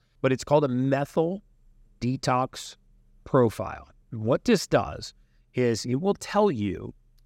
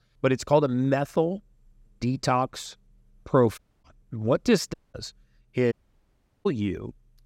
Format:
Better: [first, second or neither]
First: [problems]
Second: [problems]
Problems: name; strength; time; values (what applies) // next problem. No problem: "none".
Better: first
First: none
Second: audio cutting out; at 3.5 s, at 4.5 s and at 5.5 s for 0.5 s